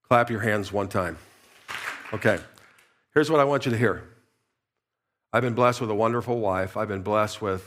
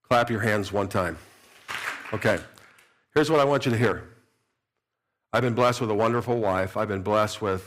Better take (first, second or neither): first